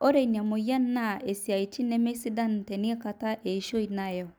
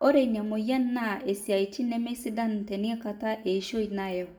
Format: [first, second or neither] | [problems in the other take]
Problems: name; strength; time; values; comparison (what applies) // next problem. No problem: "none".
first | room echo; dies away in 0.4 s